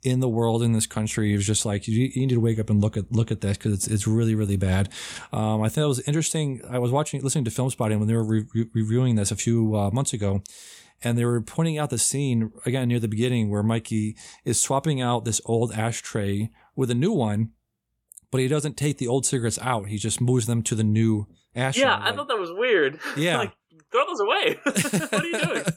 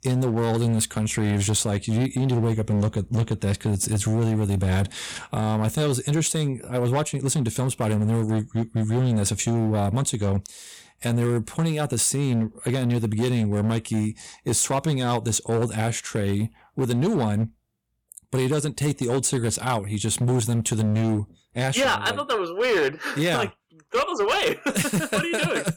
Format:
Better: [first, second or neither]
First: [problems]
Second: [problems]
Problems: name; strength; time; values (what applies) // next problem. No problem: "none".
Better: first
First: none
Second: distortion; slight; 13% of the sound clipped